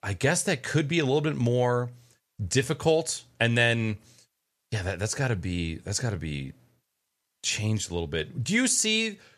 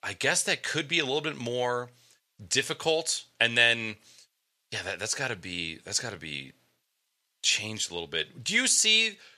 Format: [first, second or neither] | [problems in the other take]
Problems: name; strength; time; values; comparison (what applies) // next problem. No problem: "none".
first | thin; somewhat; fading below 1 kHz